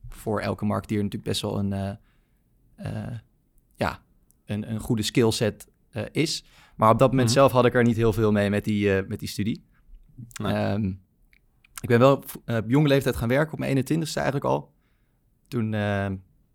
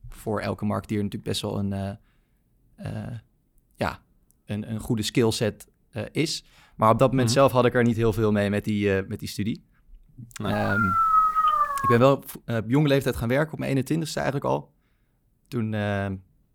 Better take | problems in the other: first | dog barking; loud; from 11 to 12 s; peak 6 dB above the speech

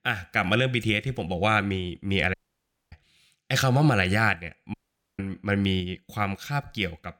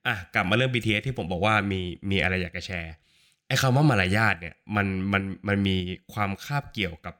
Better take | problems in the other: second | audio cutting out; at 2.5 s for 0.5 s and at 4.5 s

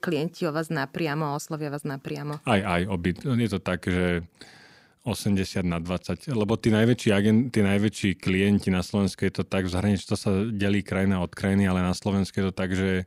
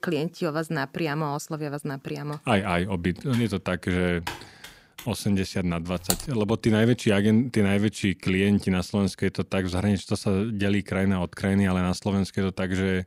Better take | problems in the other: first | keyboard typing; faint; from 3.5 to 5 s; peak 10 dB below the speech // keyboard typing; noticeable; at 6 s; peak 3 dB below the speech

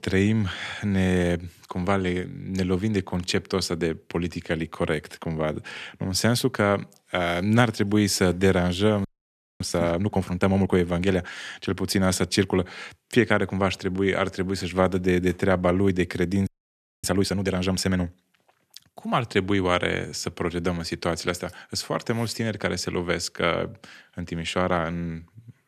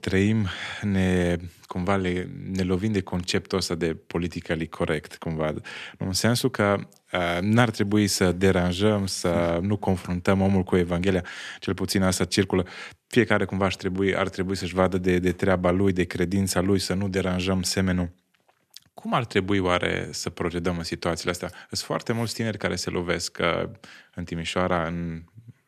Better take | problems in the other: second | audio freezing; at 9 s for 0.5 s and at 16 s for 0.5 s

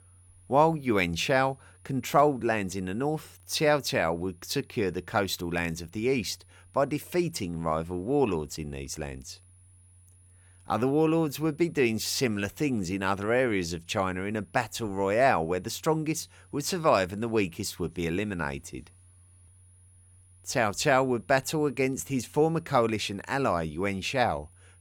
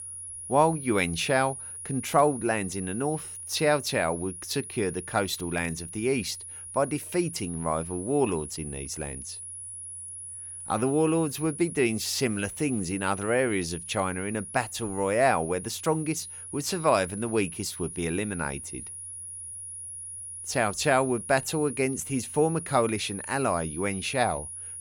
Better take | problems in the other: first | high-pitched whine; loud; throughout; 10.5 kHz, 9 dB below the speech; faint in the first

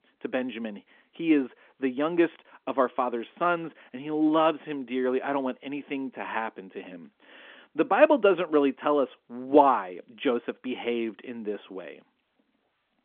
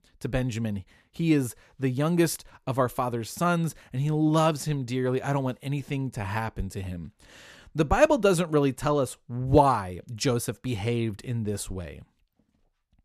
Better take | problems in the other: second | phone-call audio; nothing above 3.5 kHz

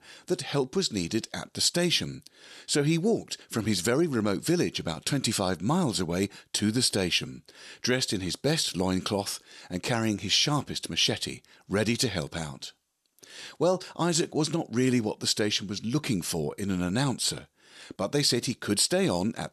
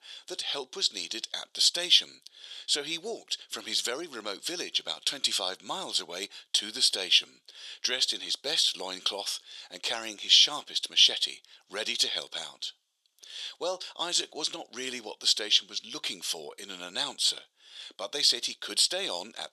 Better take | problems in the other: first | thin; very; fading below 600 Hz

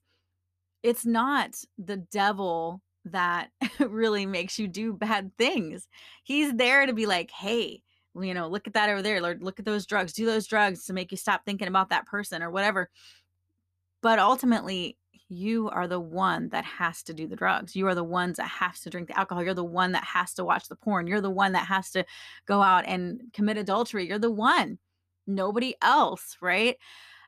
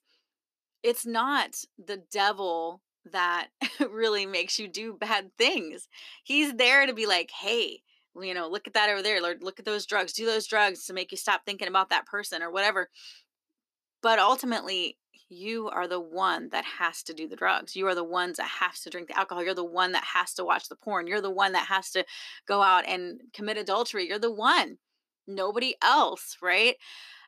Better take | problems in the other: first | thin; somewhat; fading below 300 Hz

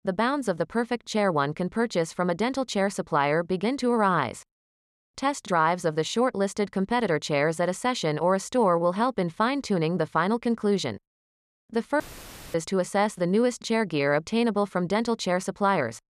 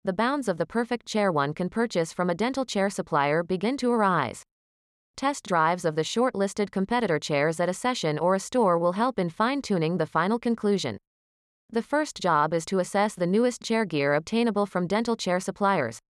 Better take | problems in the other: second | audio cutting out; filled with static; at 12 s for 0.5 s

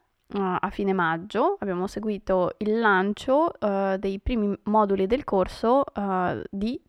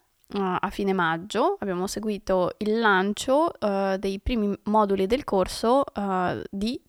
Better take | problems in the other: second | muffled; slightly; fading above 4 kHz

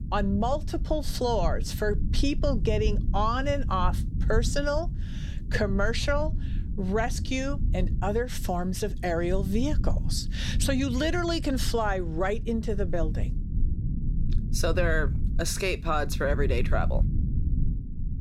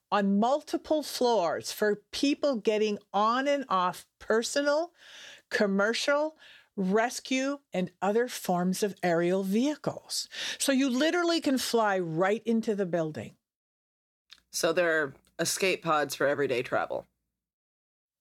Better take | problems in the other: second | low rumble; noticeable; throughout; 15 dB below the speech

